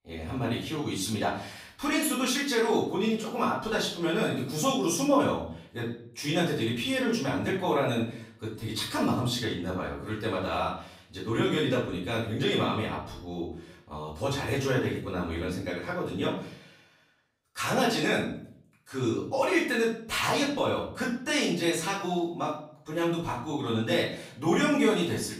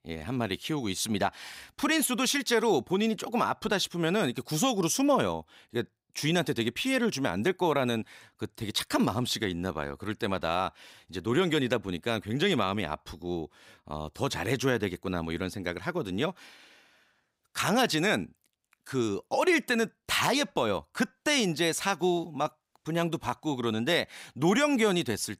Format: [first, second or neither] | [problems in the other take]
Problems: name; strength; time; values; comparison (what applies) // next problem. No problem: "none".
second | off-mic speech; far // room echo; noticeable; dies away in 0.5 s